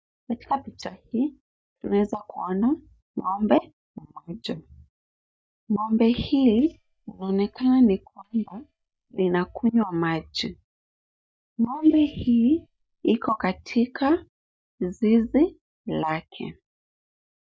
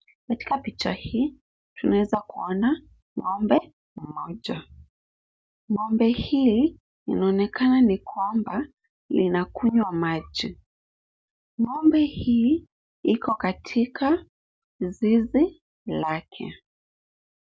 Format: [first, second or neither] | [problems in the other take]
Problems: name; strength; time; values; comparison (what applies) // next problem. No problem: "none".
second | noise reduction (neural mask model DeepFilterNet 3)